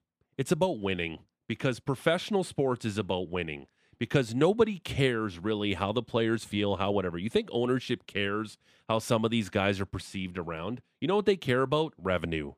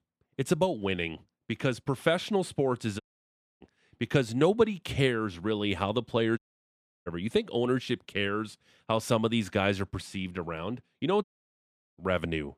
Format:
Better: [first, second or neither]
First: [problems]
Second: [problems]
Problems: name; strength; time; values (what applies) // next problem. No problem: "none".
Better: first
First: none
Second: audio cutting out; at 3 s for 0.5 s, at 6.5 s for 0.5 s and at 11 s for 0.5 s